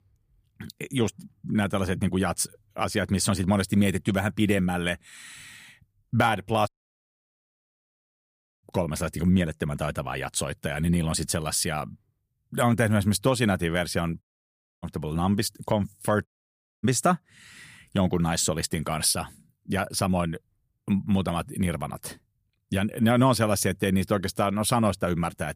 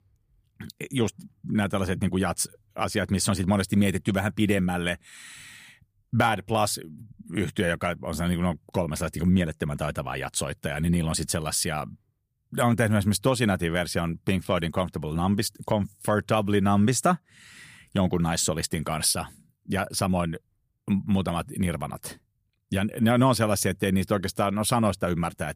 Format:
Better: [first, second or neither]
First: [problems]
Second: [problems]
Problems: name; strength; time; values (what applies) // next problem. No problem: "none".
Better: second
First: audio cutting out; at 6.5 s for 2 s, at 14 s for 0.5 s and at 16 s for 0.5 s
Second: none